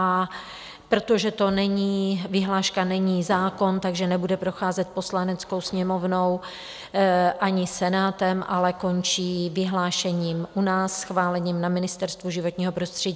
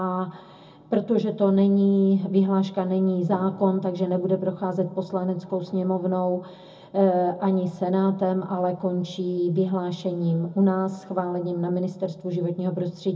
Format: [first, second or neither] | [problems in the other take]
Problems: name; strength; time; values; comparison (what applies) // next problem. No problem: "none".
first | room echo; dies away in 0.4 s